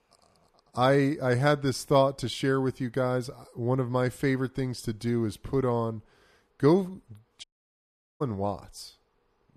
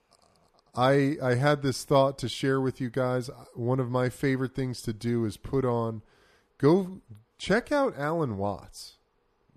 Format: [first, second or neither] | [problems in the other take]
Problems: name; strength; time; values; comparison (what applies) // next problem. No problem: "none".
second | audio cutting out; at 7.5 s for 1 s